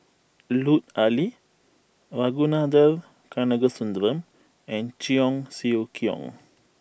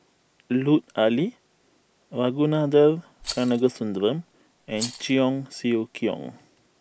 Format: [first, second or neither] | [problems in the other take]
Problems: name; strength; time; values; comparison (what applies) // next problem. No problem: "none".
first | background sound (Rattle); 15 dB below the speech